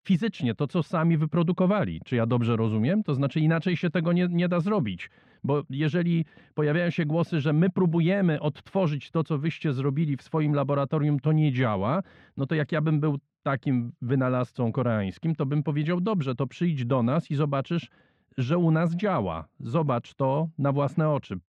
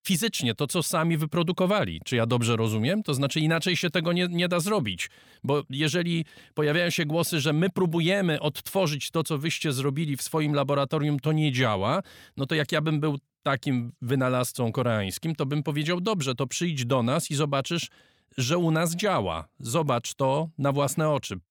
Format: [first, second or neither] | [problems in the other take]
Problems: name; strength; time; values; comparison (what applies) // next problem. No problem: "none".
second | muffled; very; fading above 2 kHz